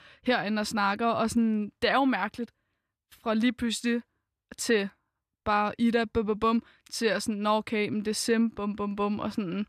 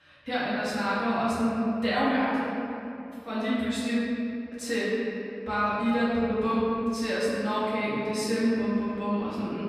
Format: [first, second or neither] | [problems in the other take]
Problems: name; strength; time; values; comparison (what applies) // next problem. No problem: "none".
first | off-mic speech; far // room echo; strong; dies away in 2.6 s